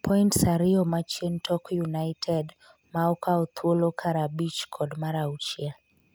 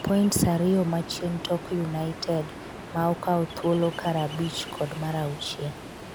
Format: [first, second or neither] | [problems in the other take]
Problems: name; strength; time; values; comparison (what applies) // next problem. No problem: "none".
first | background sound (Ocean); 12 dB below the speech